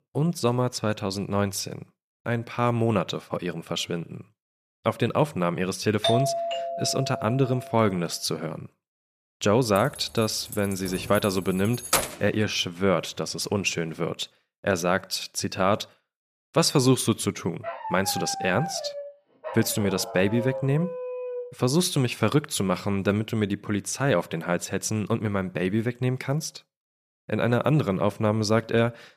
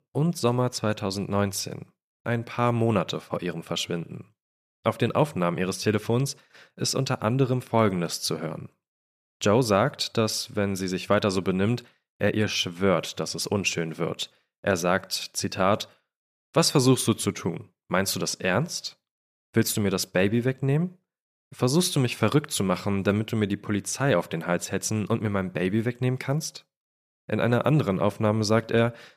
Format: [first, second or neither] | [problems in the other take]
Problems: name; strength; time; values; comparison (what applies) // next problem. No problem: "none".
second | doorbell; loud; from 6 to 7.5 s; peak 1 dB above the speech // jangling keys; loud; from 10 to 12 s; peak 1 dB above the speech // dog barking; noticeable; from 18 to 22 s; peak 7 dB below the speech